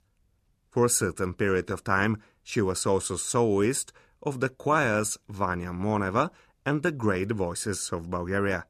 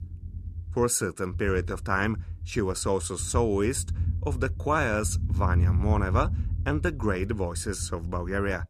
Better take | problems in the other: first | low rumble; noticeable; throughout; 20 dB below the speech

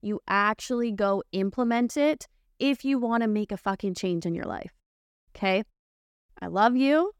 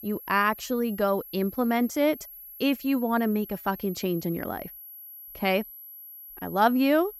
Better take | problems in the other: first | high-pitched whine; noticeable; throughout; 11.5 kHz, 15 dB below the speech

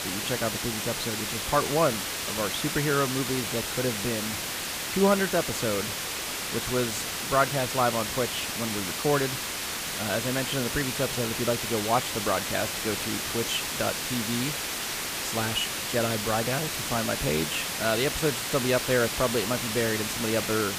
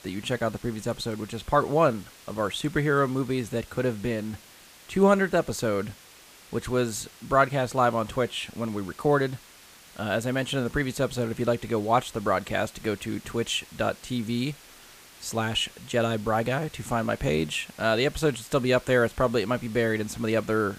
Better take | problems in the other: second | hiss; loud; throughout; 1 dB below the speech; faint in the second

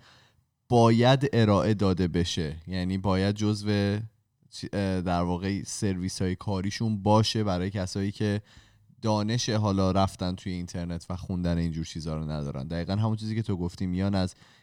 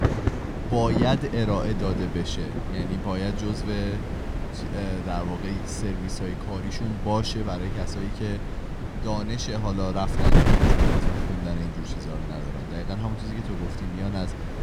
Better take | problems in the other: first | wind noise on the microphone; heavy; 2 dB below the speech

